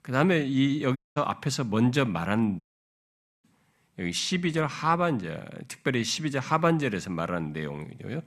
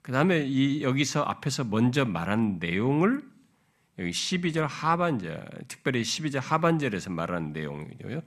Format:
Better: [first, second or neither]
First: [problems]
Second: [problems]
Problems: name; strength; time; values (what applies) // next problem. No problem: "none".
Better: second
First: audio cutting out; at 1 s and at 2.5 s for 1 s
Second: none